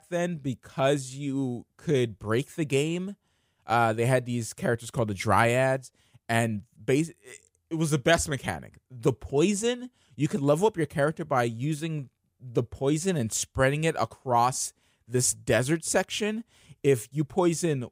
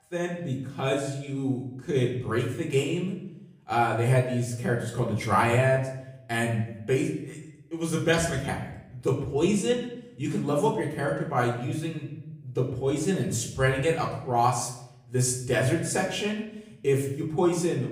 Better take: first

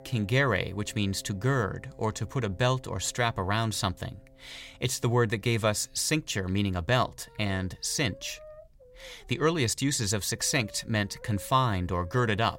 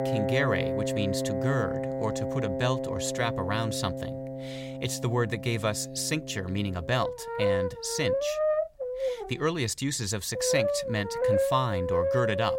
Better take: first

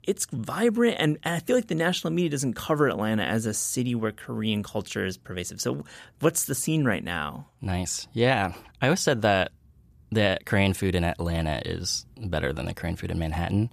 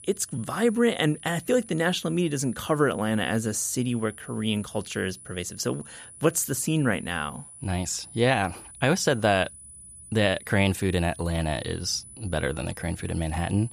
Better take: first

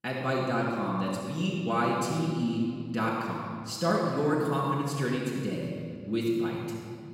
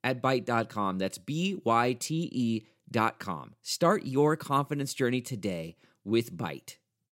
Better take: second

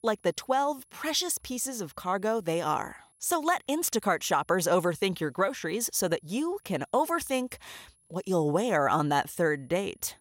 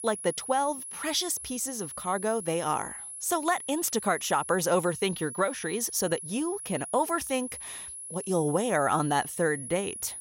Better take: first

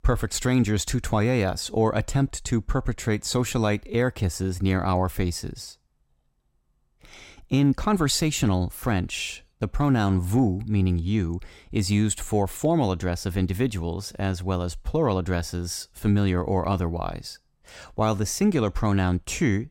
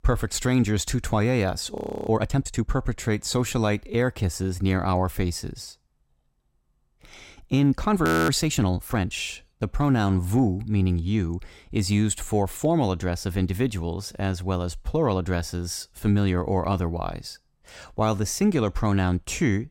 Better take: first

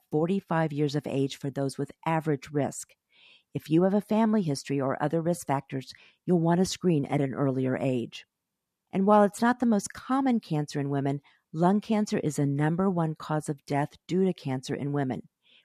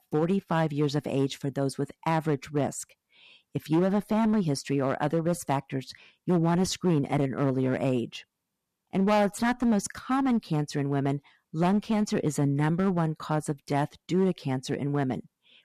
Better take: first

